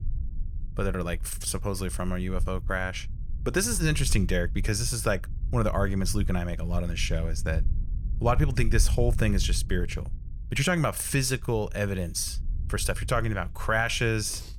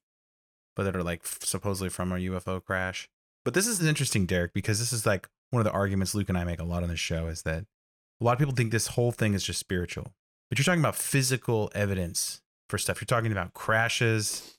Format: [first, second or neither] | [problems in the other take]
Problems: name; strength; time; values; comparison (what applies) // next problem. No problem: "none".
second | low rumble; faint; throughout; 20 dB below the speech